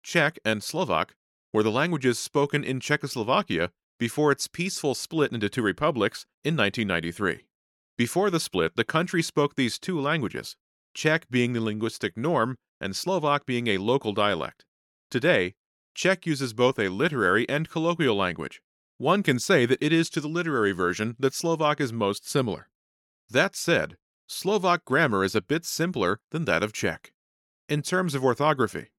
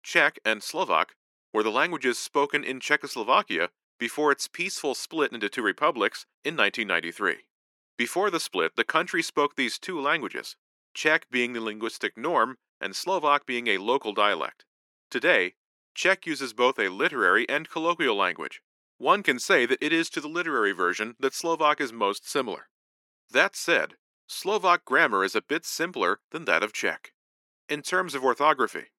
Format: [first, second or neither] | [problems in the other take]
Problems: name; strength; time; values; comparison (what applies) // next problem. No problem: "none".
first | thin; somewhat; fading below 300 Hz